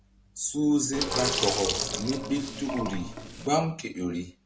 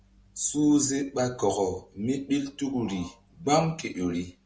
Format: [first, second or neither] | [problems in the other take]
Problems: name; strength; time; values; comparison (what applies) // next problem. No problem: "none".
second | background sound (Sink (filling or washing)); 2 dB below the speech